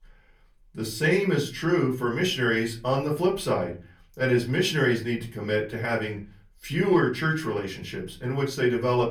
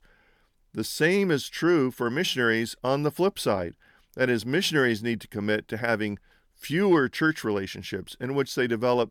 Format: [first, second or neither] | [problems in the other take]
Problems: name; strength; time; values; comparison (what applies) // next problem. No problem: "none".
second | off-mic speech; far // room echo; very slight; dies away in 0.3 s